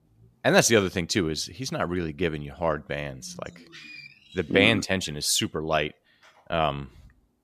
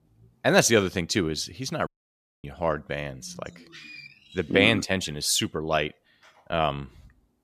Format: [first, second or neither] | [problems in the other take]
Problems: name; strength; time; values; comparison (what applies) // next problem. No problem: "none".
first | audio cutting out; at 2 s for 0.5 s